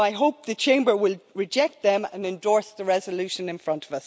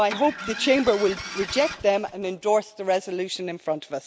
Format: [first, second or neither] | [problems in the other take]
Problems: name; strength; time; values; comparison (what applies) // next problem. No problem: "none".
first | background sound (Engine starting); 12 dB below the speech